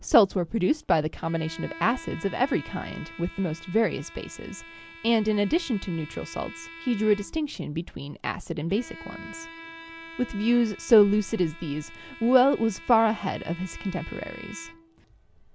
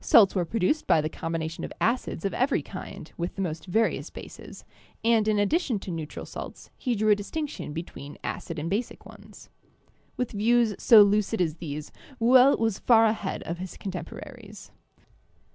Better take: second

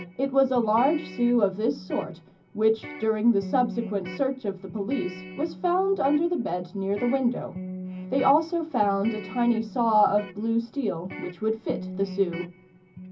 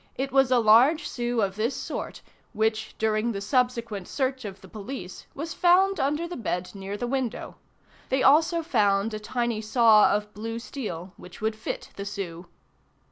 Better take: second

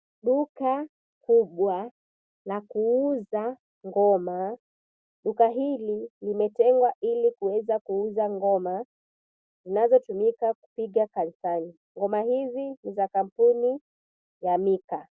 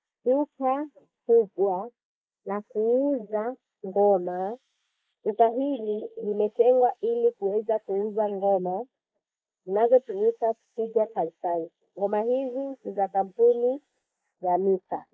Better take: first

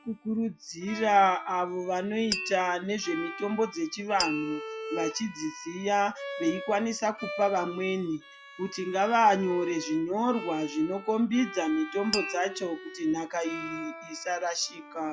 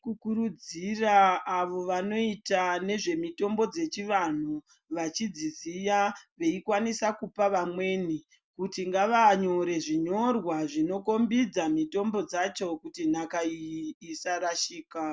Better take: second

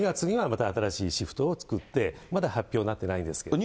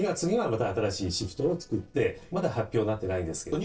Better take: first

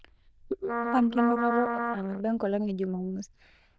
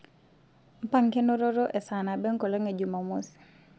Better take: second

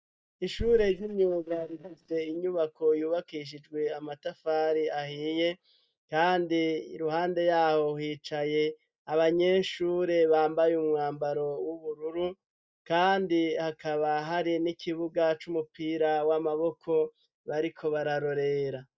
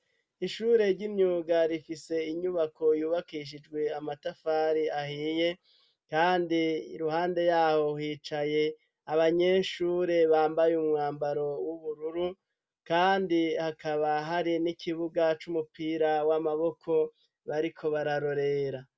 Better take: second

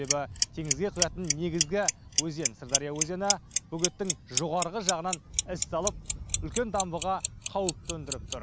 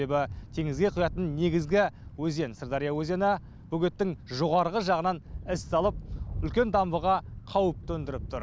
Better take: second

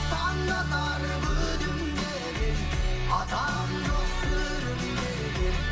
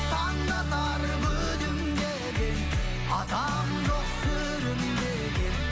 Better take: second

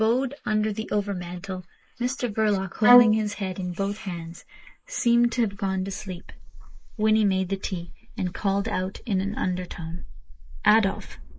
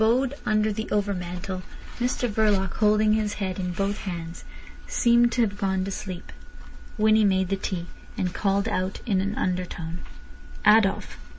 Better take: second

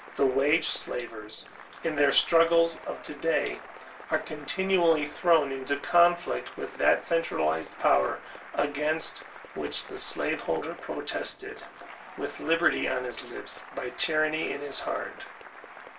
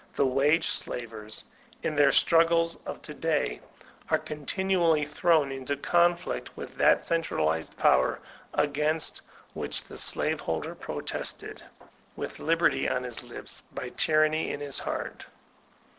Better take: second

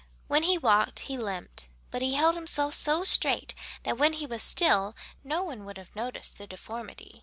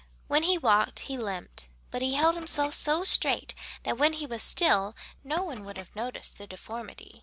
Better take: first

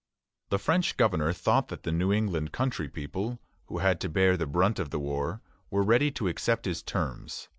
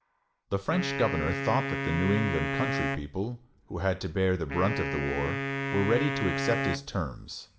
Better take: first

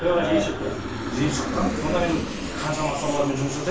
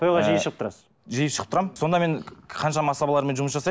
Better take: second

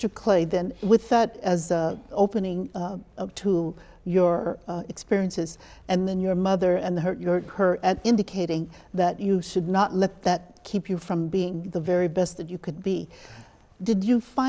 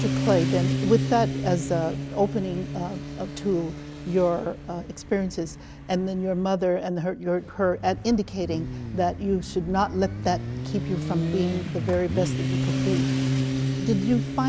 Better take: first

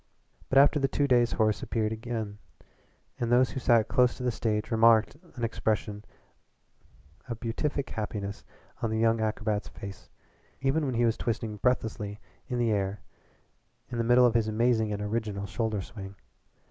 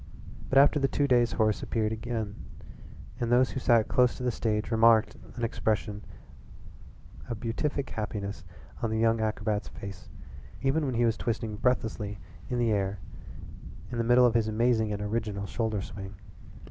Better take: first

